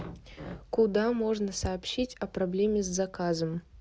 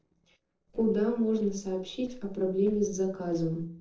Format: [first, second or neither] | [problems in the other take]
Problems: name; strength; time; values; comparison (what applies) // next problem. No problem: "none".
first | noise reduction (neural separator model SepFormer DNS4)